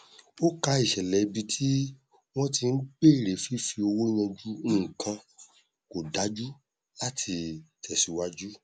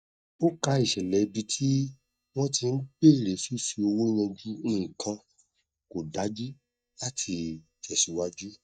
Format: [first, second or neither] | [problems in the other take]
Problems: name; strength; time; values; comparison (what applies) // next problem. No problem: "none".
first | noise reduction (neural mask model DeepFilterNet 3)